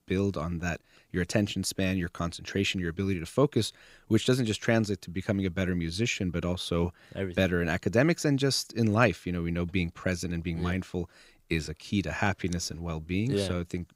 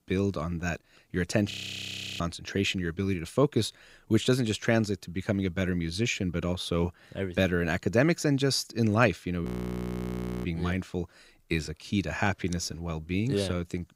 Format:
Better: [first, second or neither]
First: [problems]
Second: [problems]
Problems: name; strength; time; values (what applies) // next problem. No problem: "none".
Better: first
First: none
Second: audio freezing; at 1.5 s for 0.5 s and at 9.5 s for 1 s